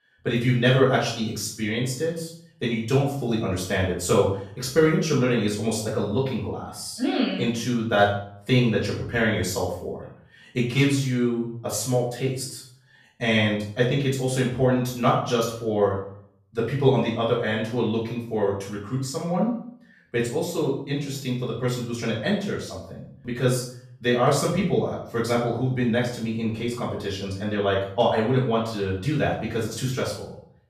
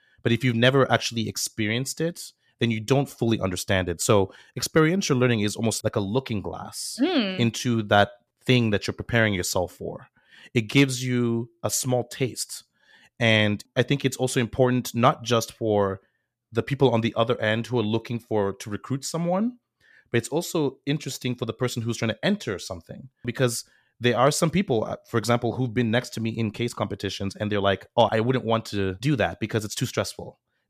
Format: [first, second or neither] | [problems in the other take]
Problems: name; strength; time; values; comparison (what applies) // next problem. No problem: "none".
second | room echo; noticeable; dies away in 0.5 s // off-mic speech; far